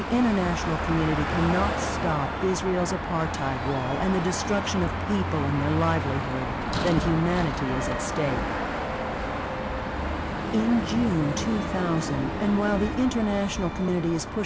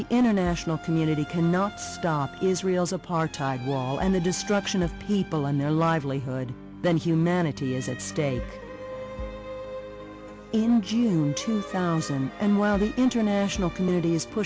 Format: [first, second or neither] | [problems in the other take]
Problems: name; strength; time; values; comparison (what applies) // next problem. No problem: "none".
second | background sound (Car passing by / Traffic noise, roadway noise / Engine); 2 dB below the speech